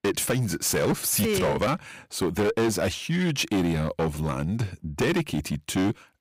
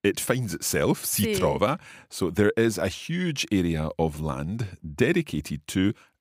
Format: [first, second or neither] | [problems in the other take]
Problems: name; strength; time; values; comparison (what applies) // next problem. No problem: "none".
second | distortion; heavy; 14% of the sound clipped